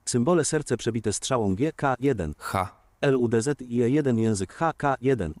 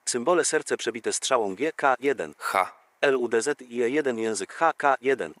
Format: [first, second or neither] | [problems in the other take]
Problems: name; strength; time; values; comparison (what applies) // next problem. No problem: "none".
first | thin; somewhat; fading below 500 Hz